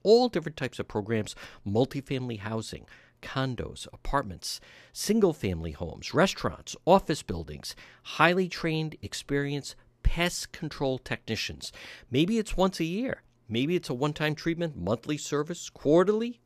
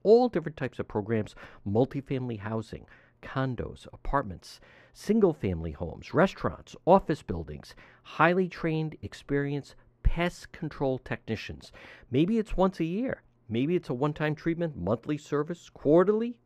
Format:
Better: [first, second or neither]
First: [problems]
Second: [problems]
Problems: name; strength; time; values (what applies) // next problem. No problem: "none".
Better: first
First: none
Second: muffled; slightly; fading above 3 kHz